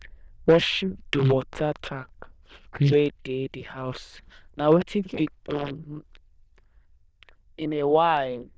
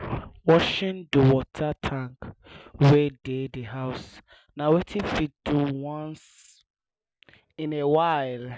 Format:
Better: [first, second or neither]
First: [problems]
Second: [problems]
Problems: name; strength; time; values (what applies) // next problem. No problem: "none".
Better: second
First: noise reduction (neural diffusion model UNIVERSE++)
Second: none